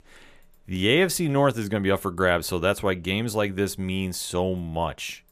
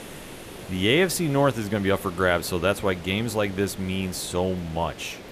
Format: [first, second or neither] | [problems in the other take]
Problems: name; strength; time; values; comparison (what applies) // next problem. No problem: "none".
first | hiss; noticeable; throughout; 15 dB below the speech